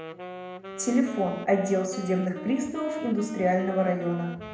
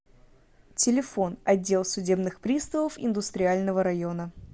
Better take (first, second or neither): second